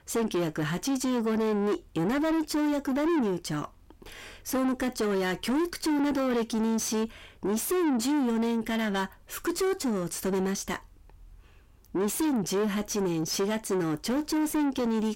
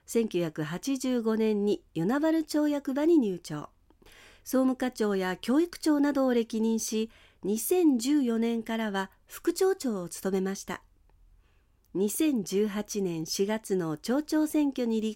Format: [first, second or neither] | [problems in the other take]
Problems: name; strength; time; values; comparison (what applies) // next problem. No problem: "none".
second | distortion; heavy; 7 dB below the speech